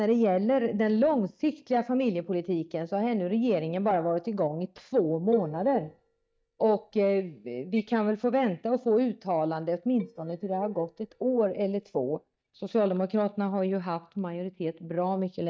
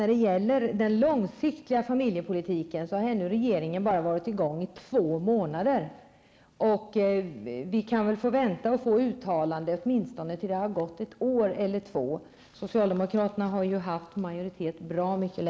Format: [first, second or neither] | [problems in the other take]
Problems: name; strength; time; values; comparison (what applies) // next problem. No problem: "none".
second | noise reduction (neural mask model DeepFilterNet 3)